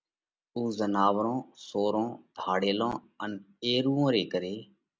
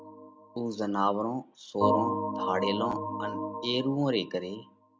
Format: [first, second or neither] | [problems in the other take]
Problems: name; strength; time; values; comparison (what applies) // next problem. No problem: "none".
first | background sound (Organ); 3 dB below the speech